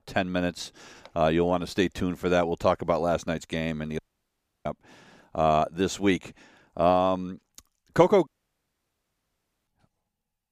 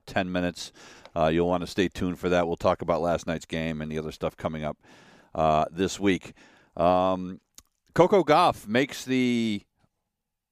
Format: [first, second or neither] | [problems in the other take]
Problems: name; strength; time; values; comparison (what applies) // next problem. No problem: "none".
second | audio cutting out; at 4 s for 0.5 s and at 8.5 s for 1.5 s